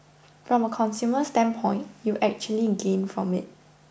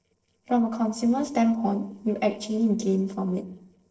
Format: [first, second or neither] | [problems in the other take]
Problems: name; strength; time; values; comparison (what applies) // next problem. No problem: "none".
first | noise reduction (neural separator model SepFormer DNS4)